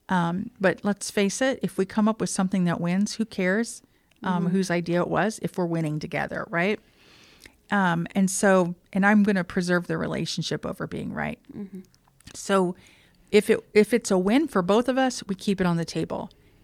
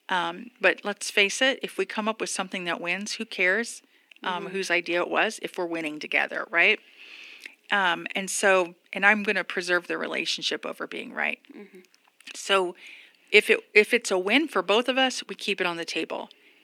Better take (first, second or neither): first